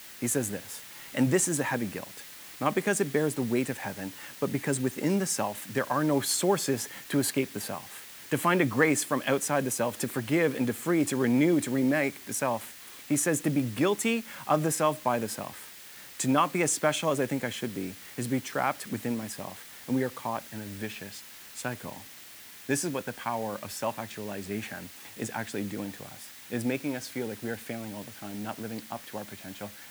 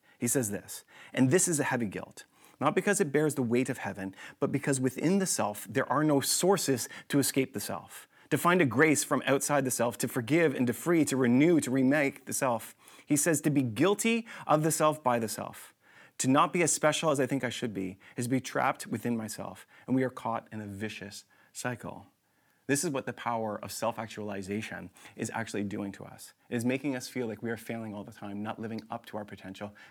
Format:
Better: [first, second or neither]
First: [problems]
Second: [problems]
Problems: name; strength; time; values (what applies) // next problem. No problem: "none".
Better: second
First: hiss; noticeable; throughout; 15 dB below the speech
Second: none